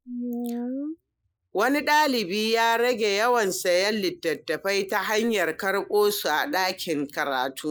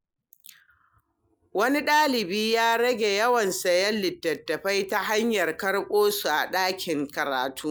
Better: second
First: noise reduction (neural mask model Resemble Enhance denoiser)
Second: none

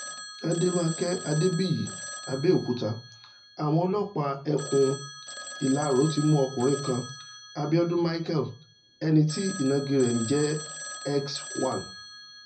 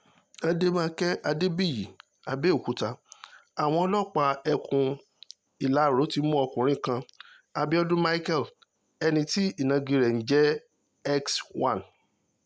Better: second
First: background sound (Telephone); 12 dB below the speech // room echo; dies away in 0.4 s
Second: none

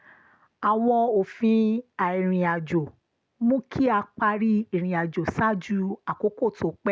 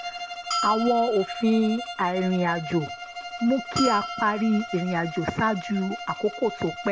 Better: first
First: none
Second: background sound (Bowed string instrument + Bell); 8 dB below the speech

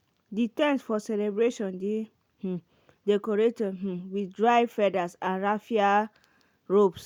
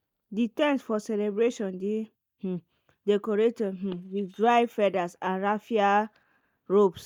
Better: first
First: none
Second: noise reduction (neural mask model DeepFilterNet 3)

